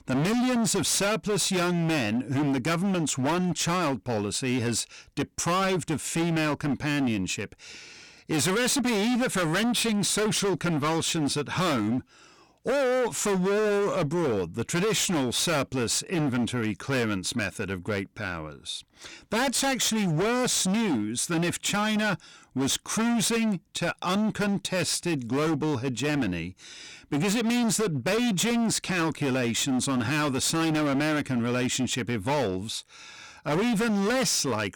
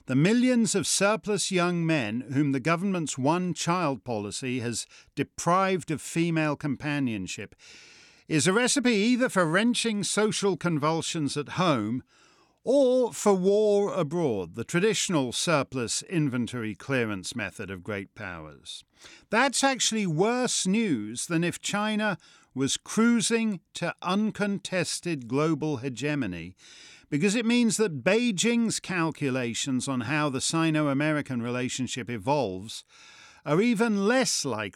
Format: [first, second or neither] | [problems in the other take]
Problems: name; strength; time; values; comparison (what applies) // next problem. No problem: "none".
second | distortion; heavy; 28% of the sound clipped